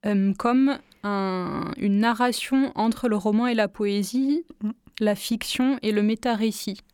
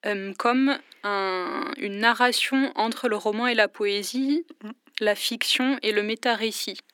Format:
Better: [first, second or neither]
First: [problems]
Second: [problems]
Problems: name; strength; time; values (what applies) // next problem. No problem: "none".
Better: first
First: none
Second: thin; somewhat; fading below 250 Hz